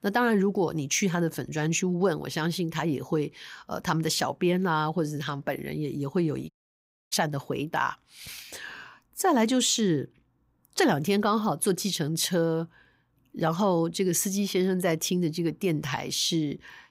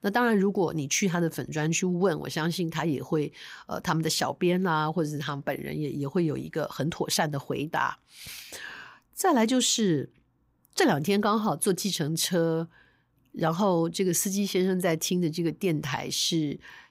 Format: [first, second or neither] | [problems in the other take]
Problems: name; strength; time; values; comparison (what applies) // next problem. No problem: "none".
second | audio cutting out; at 6.5 s for 0.5 s